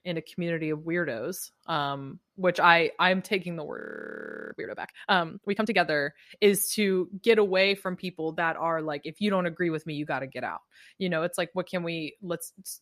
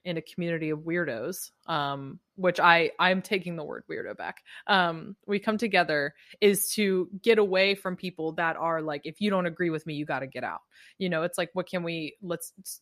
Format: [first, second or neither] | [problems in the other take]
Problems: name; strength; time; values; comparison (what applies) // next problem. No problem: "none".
second | audio freezing; at 4 s for 0.5 s